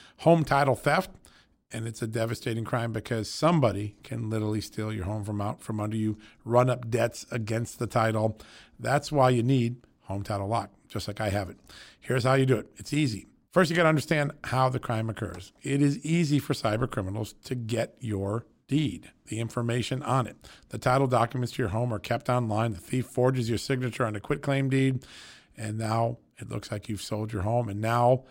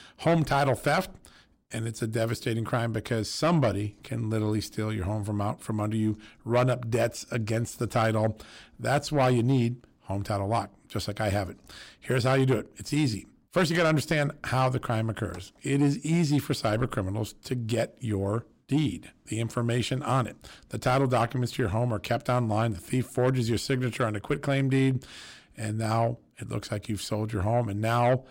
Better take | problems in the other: first | distortion; slight; 10 dB below the speech

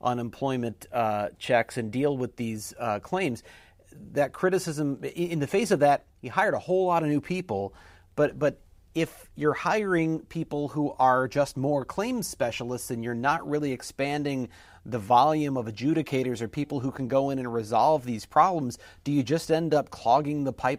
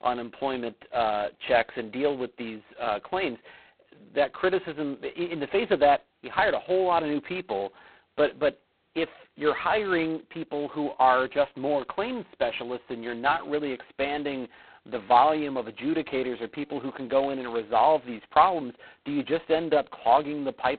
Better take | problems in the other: first | phone-call audio; poor line; nothing above 4 kHz

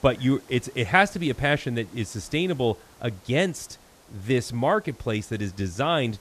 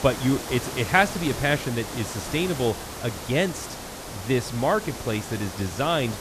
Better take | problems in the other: first | hiss; loud; throughout; 9 dB below the speech; faint in the first

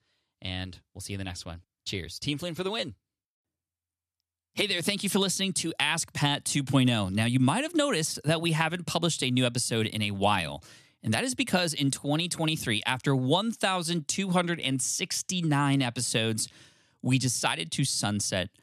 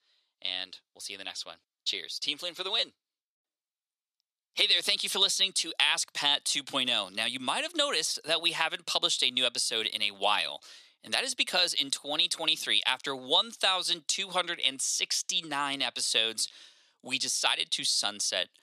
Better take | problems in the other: first | thin; very; fading below 550 Hz

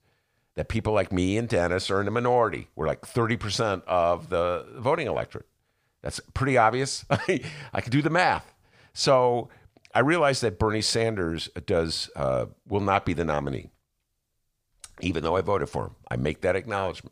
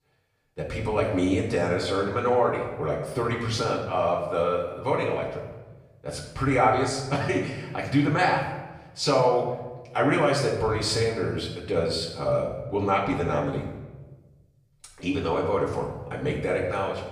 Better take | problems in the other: first | off-mic speech; far // room echo; noticeable; dies away in 1 s

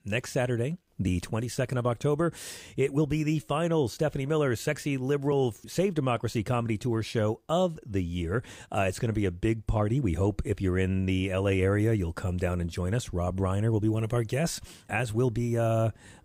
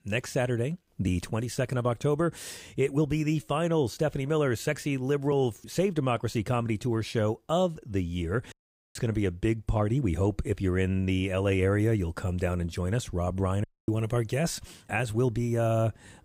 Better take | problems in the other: first | audio cutting out; at 8.5 s and at 14 s

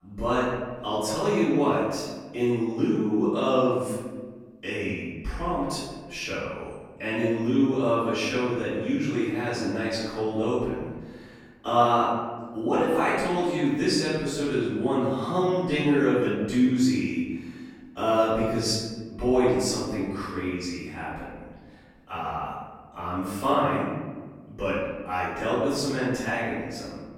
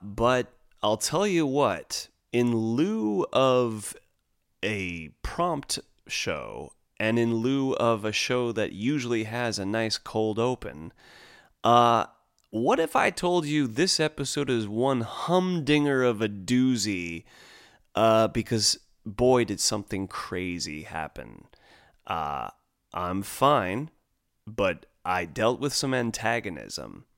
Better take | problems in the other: second | off-mic speech; far // room echo; strong; dies away in 1.4 s

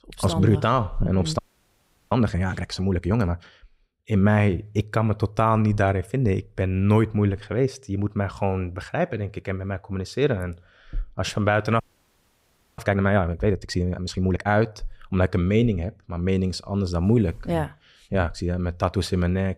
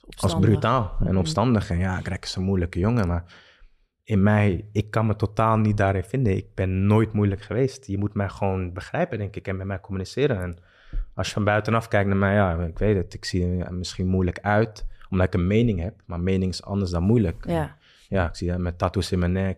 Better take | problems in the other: second | audio freezing; at 1.5 s for 0.5 s and at 12 s for 1 s

